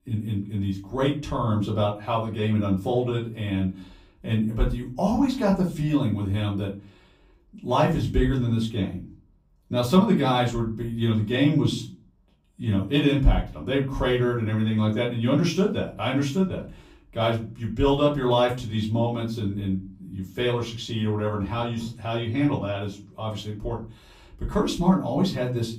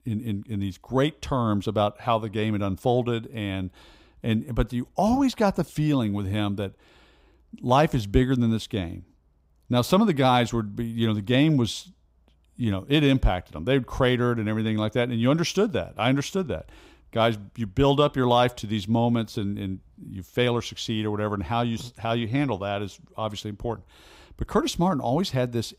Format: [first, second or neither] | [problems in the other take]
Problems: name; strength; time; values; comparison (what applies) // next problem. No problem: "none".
second | off-mic speech; far // room echo; slight; dies away in 0.3 s